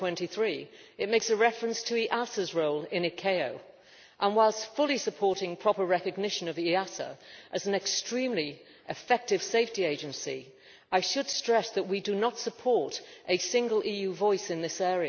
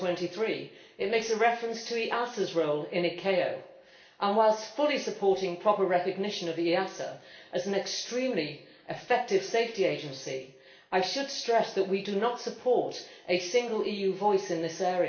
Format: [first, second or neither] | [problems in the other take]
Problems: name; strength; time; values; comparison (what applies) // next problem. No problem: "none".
first | room echo; dies away in 0.5 s